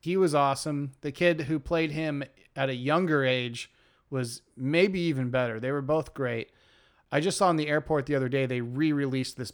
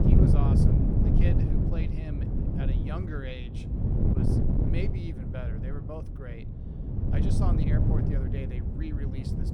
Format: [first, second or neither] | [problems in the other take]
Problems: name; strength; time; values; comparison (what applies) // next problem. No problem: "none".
first | wind noise on the microphone; heavy; 4 dB above the speech